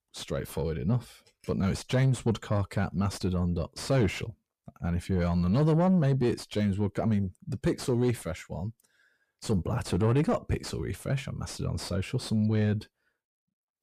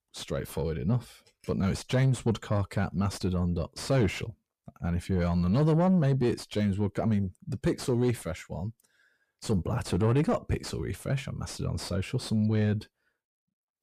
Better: neither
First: distortion; slight; 10 dB below the speech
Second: distortion; slight; 10 dB below the speech

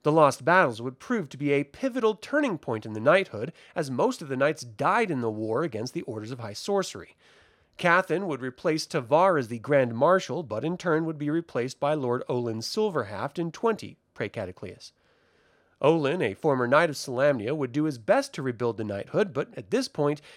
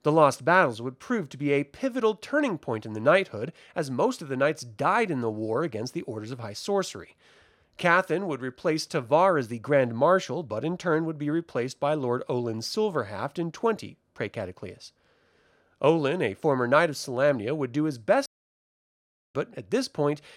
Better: first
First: none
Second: audio cutting out; at 18 s for 1 s

